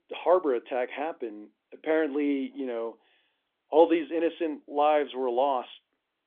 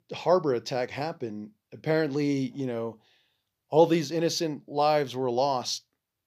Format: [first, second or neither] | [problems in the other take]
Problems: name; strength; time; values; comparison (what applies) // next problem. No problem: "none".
second | phone-call audio; nothing above 3.5 kHz